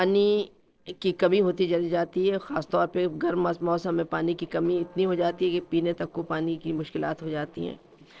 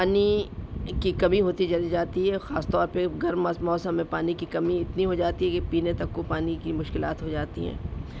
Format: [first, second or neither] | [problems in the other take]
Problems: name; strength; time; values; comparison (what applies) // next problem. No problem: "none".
second | noise reduction (neural separator model SepFormer DNS4)